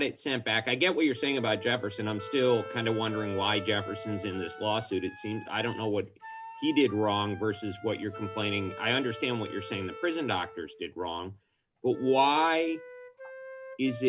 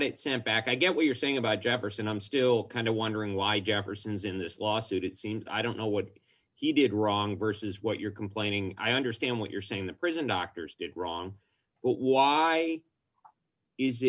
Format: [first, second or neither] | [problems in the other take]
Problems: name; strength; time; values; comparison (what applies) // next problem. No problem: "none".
second | background sound (Wind instrument, woodwind instrument + Wind instrument, woodwind instrument); 14 dB below the speech